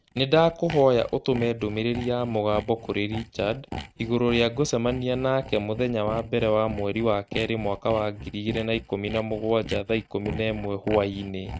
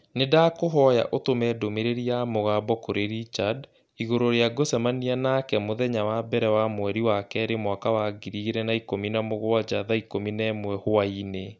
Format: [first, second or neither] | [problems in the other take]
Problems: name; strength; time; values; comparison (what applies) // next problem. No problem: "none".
second | noise reduction (neural mask model RNNoise)